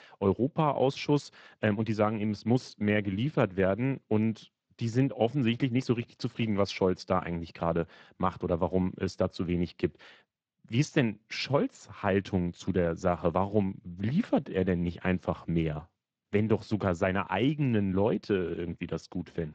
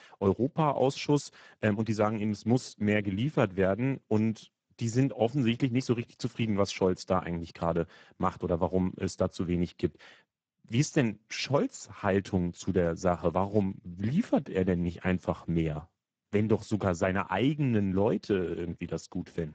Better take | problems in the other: first | garbled, watery; badly; nothing above 7.5 kHz; slightly in the first

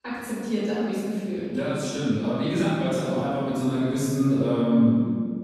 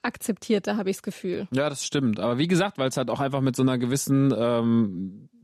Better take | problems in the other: second | room echo; strong; dies away in 2 s // off-mic speech; far

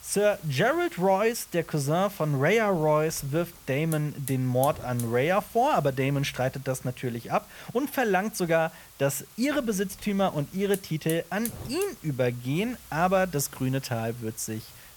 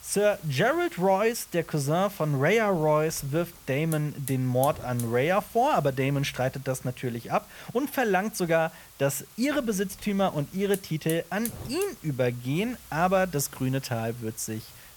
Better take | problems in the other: neither | hiss; noticeable; throughout; 15 dB below the speech; the same in both

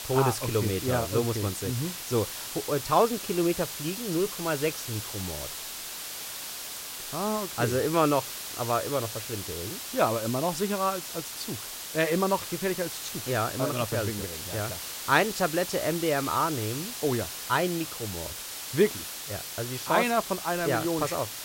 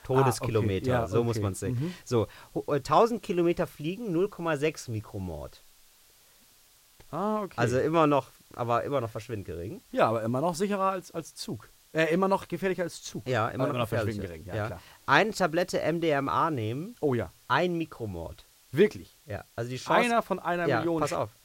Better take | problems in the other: second | hiss; loud; throughout; 6 dB below the speech; faint in the second

